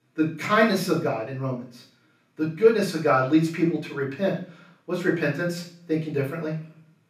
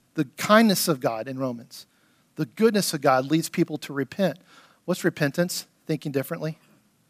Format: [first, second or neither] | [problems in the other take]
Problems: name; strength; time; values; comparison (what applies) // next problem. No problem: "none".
second | room echo; noticeable; dies away in 0.5 s // off-mic speech; far